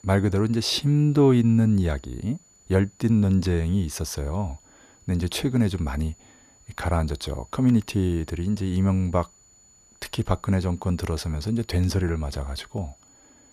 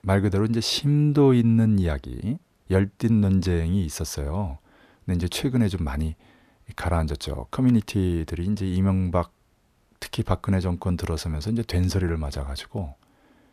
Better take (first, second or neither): second